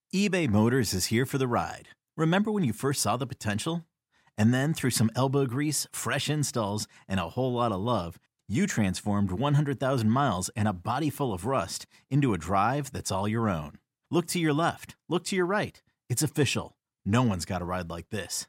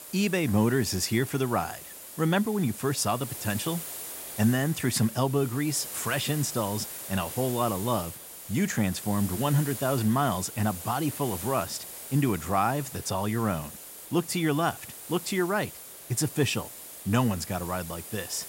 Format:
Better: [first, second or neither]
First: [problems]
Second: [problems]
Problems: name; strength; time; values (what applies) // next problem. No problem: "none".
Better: first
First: none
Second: hiss; noticeable; throughout; 10 dB below the speech